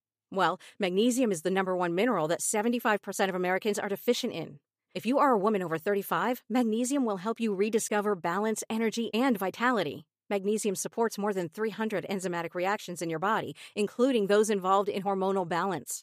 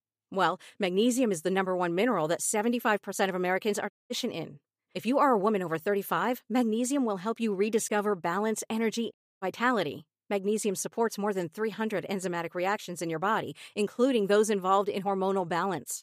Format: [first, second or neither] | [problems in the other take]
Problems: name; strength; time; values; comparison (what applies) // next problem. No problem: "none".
first | audio cutting out; at 4 s and at 9 s